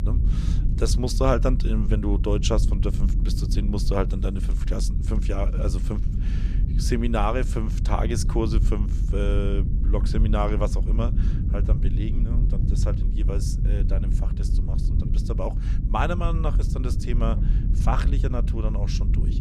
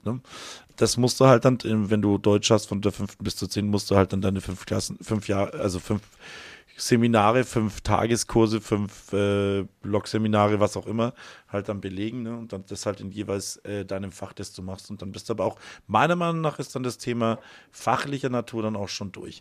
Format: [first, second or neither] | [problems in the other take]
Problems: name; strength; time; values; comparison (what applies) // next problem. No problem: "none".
second | low rumble; loud; throughout; 10 dB below the speech